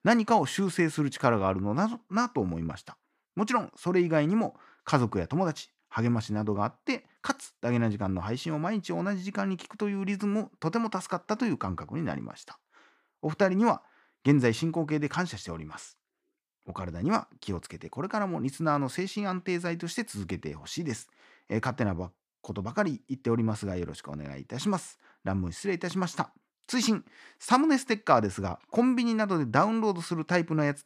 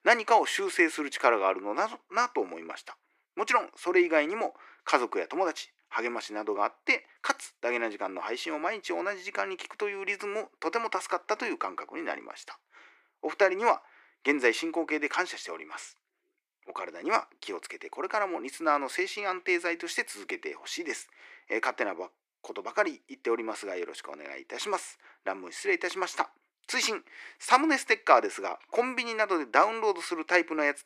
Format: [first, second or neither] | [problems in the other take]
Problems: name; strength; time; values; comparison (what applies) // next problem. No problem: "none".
first | thin; very; fading below 350 Hz